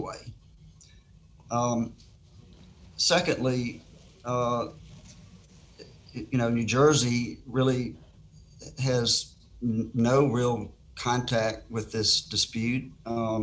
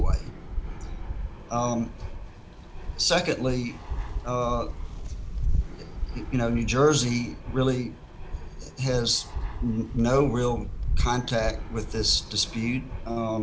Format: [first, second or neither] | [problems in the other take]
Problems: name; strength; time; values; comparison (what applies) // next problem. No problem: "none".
first | background sound (Fixed-wing aircraft, airplane); 3 dB below the speech